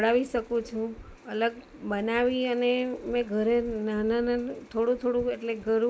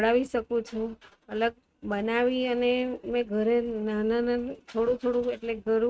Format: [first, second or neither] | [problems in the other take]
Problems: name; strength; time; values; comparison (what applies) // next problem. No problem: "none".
first | noise reduction (neural mask model RNNoise)